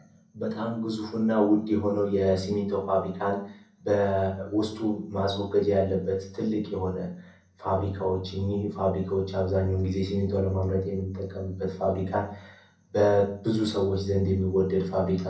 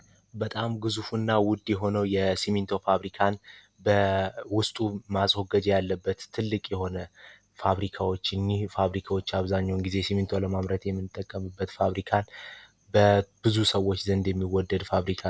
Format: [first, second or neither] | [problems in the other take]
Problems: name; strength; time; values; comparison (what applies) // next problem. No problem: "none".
second | room echo; dies away in 0.6 s